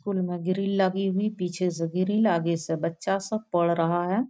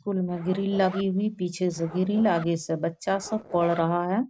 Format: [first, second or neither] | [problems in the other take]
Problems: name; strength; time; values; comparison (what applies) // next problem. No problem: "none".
first | background sound (Zipper (clothing)); 17 dB below the speech